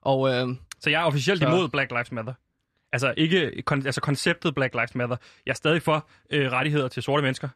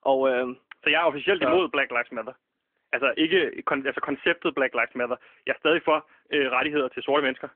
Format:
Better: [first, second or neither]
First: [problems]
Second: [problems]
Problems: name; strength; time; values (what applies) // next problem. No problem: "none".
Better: first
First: none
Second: phone-call audio; nothing above 3 kHz